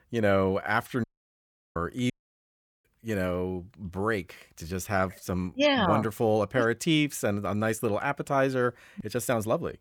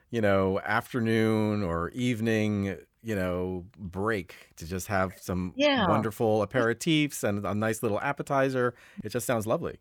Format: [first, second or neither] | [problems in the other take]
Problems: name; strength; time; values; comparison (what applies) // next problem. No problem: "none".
second | audio cutting out; at 1 s for 0.5 s and at 2 s for 0.5 s